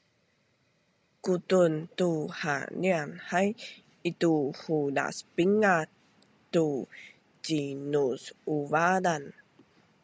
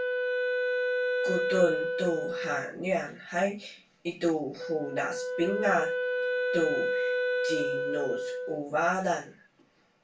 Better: first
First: none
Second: background sound (Wind instrument, woodwind instrument); as loud as the speech // room echo; dies away in 0.3 s

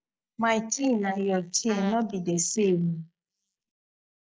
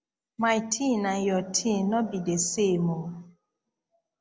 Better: second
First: noise reduction (neural mask model Resemble Enhance denoiser)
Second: none

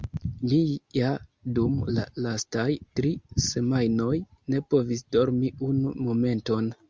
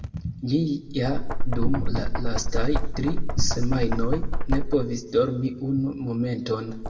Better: first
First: none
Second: background sound (Knock); 3 dB above the speech // room echo; dies away in 0.7 s

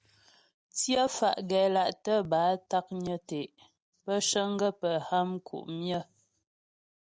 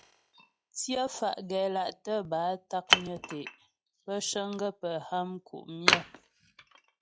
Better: first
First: none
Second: noise reduction (classical method log-MMSE)

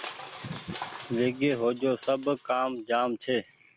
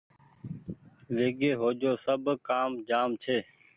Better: second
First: background sound (Crushing); 16 dB below the speech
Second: none

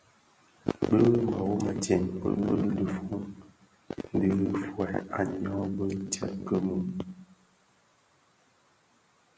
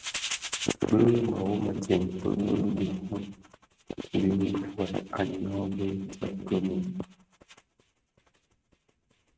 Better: first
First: none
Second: noise reduction (neural mask model RNNoise)

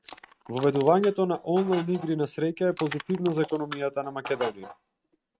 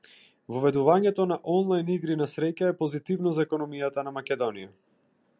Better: second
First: noise reduction (neural mask model RNNoise)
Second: none

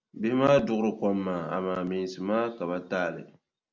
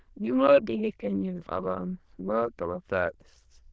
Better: first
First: none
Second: noise reduction (neural diffusion model UNIVERSE++)

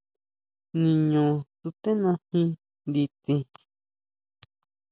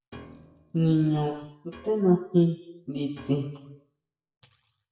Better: first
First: none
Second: noise reduction (classical method WPE with log-MMSE)

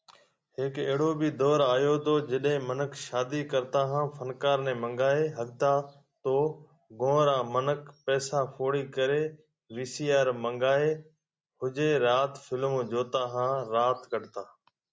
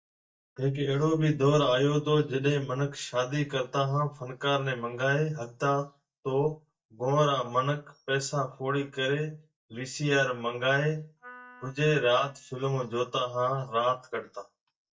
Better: first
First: none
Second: noise reduction (neural mask model DeepFilterNet 3)

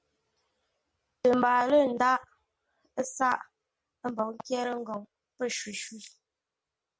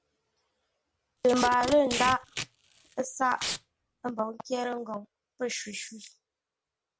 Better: first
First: none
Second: background sound (Packing tape, duct tape); 7 dB below the speech

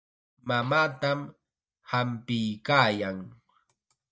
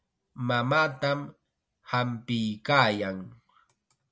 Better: second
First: noise reduction (neural mask model DeepFilterNet 3)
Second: none

